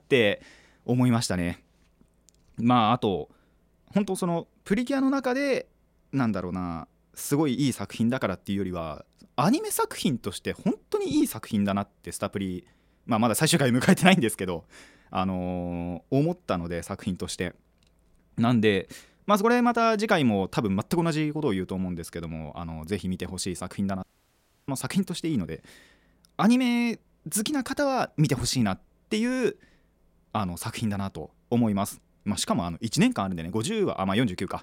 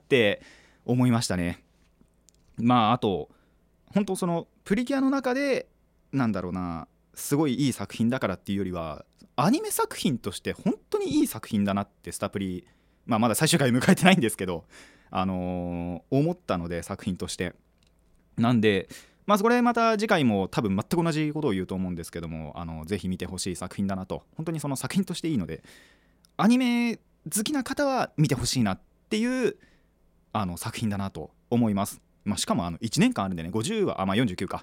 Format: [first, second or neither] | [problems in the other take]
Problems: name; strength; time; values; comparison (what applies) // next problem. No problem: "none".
second | audio cutting out; at 24 s for 0.5 s